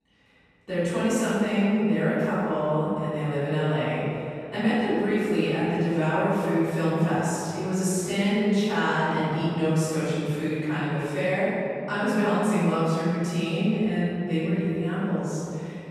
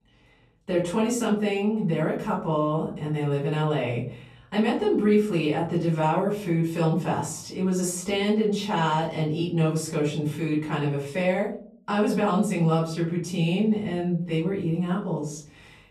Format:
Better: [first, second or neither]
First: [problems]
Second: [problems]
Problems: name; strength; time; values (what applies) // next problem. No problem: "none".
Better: second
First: room echo; strong; dies away in 2.8 s // off-mic speech; far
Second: room echo; slight; dies away in 0.5 s // off-mic speech; far